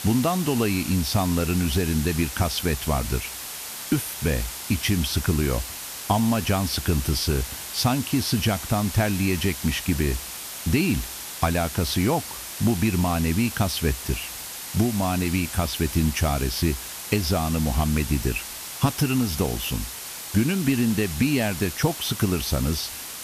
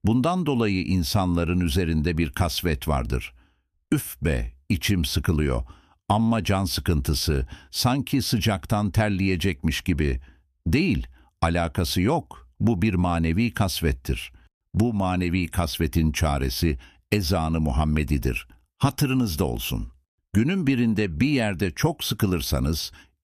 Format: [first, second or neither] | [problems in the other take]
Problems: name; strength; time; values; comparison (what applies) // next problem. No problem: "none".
second | hiss; loud; throughout; 8 dB below the speech